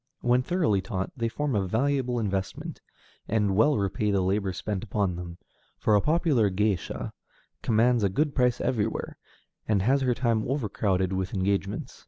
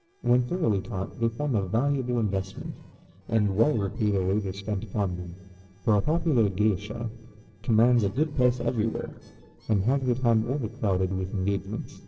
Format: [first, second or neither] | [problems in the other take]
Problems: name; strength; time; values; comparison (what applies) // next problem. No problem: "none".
first | noise reduction (neural separator model SepFormer DNS4)